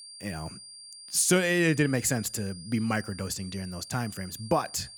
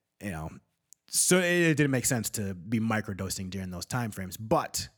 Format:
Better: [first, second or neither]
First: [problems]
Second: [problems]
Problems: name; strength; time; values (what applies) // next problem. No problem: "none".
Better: second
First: high-pitched whine; noticeable; throughout; 5 kHz, 15 dB below the speech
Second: none